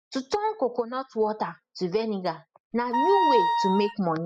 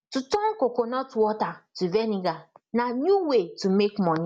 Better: second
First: noise reduction (classical method spectral subtraction)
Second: none

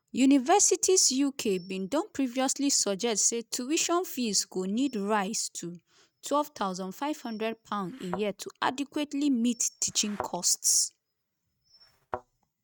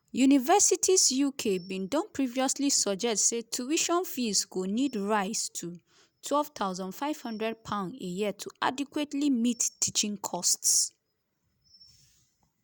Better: second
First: noise reduction (neural mask model RNNoise)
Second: none

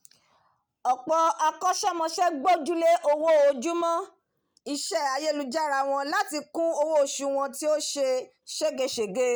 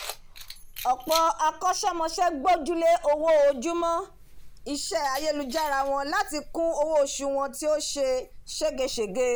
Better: first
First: none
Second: background sound (Keys jangling); 15 dB below the speech

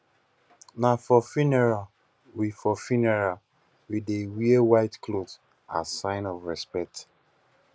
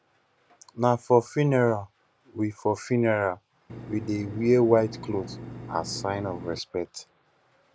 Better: first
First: none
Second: background sound (Engine); 12 dB below the speech

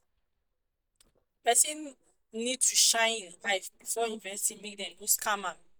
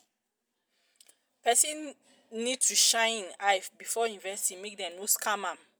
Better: second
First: noise reduction (neural mask model DeepFilterNet 3)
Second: none

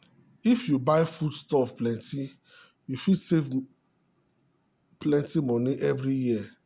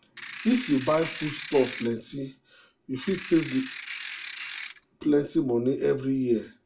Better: first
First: none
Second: background sound (Ratchet, pawl / Percussion); 11 dB below the speech // room echo; dies away in 0.2 s

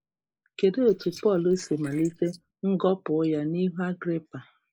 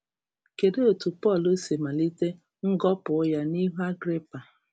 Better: second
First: noise reduction (neural mask model Resemble Enhance denoiser)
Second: none

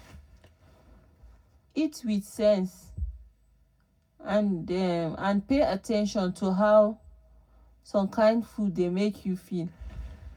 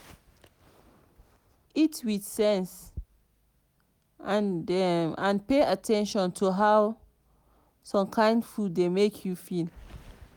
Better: second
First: room echo; dies away in 0.3 s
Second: none

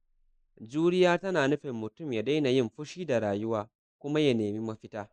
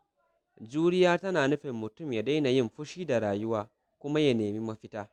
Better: second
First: noise reduction (neural mask model Resemble Enhance denoiser)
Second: none

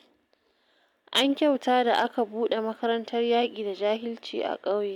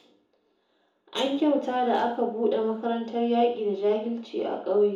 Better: first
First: none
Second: room echo; dies away in 0.7 s

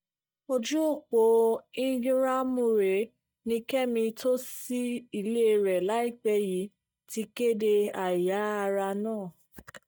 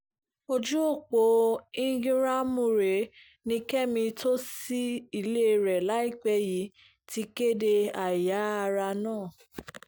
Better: second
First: noise reduction (neural mask model DeepFilterNet 3)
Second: none

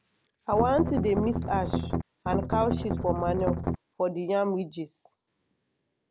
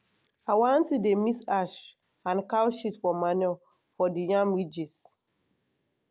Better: second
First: background sound (Strum); as loud as the speech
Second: none

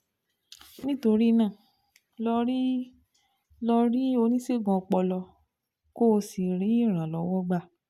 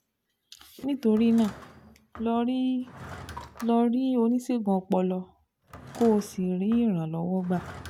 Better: first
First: none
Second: background sound (Drawer open or close / Wood); 20 dB below the speech

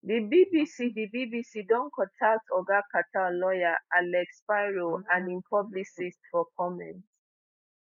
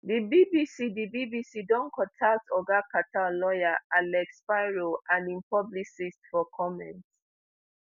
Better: second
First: noise reduction (neural mask model Resemble Enhance denoiser)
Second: none

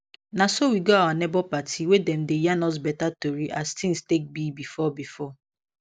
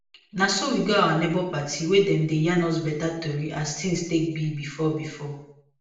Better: first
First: none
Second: room echo; dies away in 0.7 s

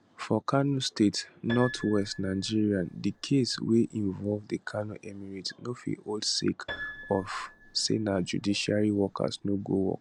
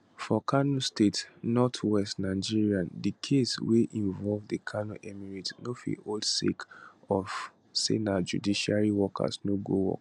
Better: second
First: background sound (Piano); 16 dB below the speech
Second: none

